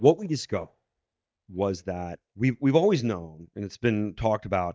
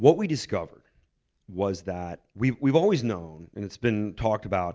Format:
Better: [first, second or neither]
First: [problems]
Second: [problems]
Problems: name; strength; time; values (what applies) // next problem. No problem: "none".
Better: second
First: noise reduction (neural mask model DeepFilterNet 3)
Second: none